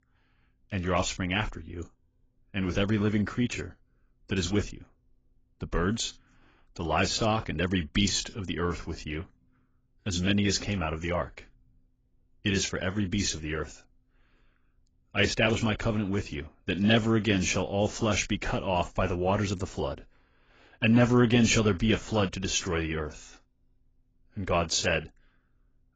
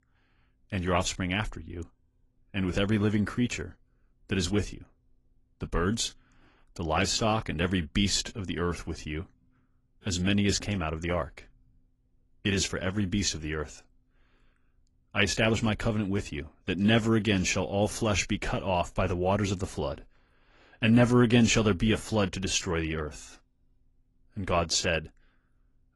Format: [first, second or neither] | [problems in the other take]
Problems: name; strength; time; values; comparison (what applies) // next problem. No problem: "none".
second | garbled, watery; badly; nothing above 7.5 kHz; slightly in the second